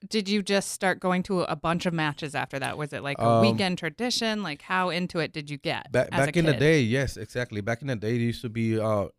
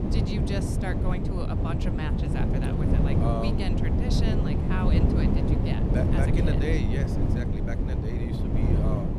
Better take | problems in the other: first | wind noise on the microphone; heavy; 2 dB above the speech

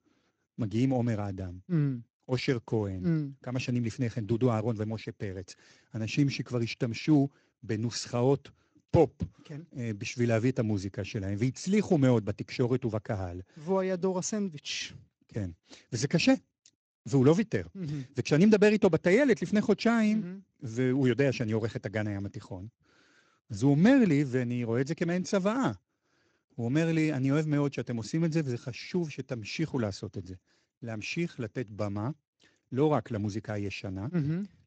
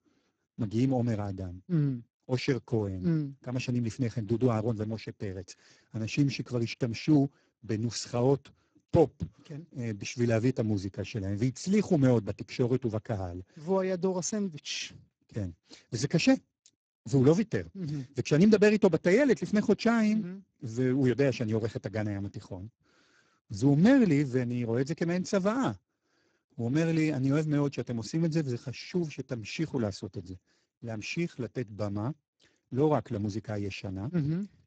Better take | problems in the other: first | garbled, watery; badly; nothing above 7.5 kHz; slightly in the first

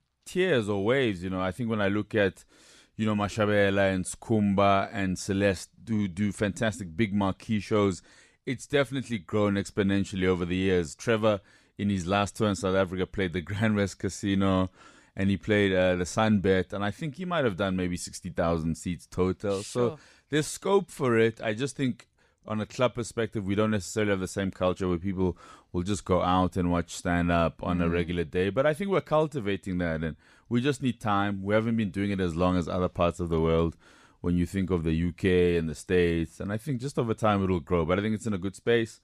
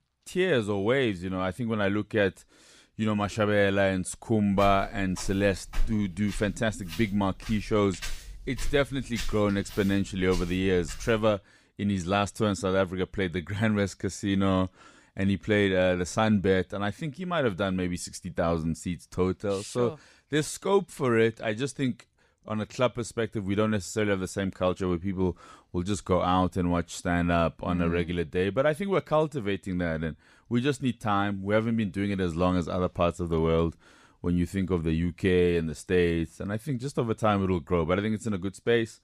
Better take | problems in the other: first | footsteps; noticeable; from 4.5 to 11 s; peak 10 dB below the speech

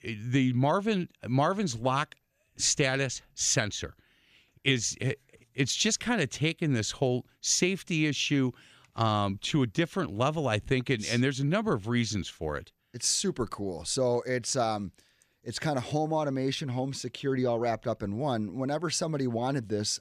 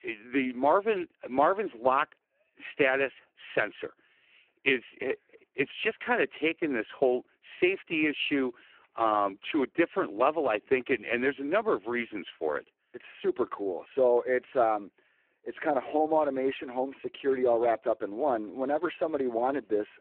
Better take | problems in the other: first | phone-call audio; poor line

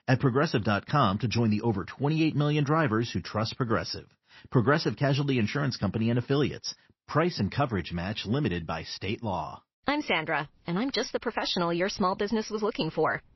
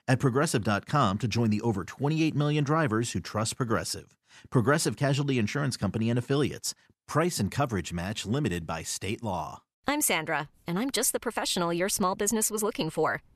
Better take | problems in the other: second | garbled, watery; slightly; nothing above 5.5 kHz

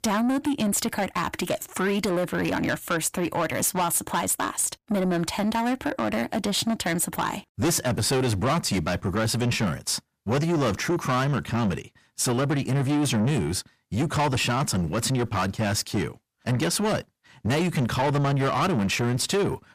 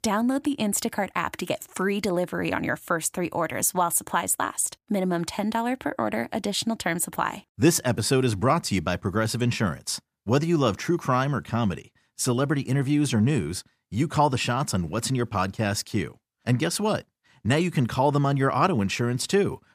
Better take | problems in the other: second | distortion; heavy; 8 dB below the speech

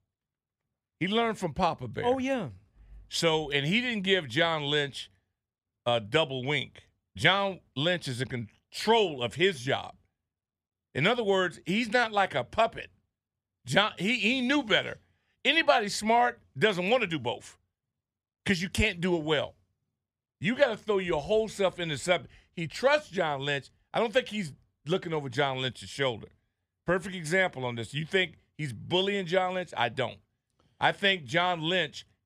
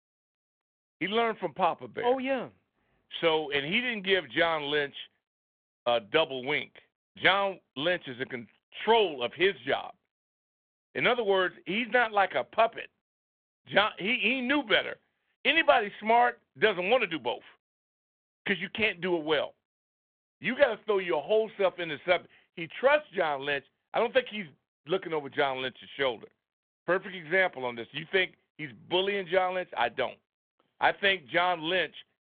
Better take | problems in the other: first | phone-call audio

